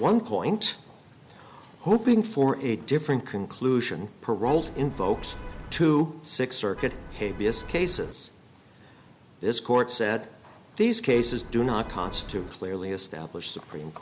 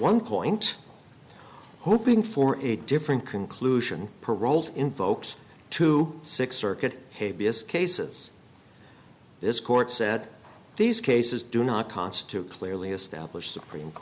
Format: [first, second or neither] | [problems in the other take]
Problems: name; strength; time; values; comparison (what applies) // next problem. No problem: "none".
second | background sound (Vehicle horn, car horn, honking); 12 dB below the speech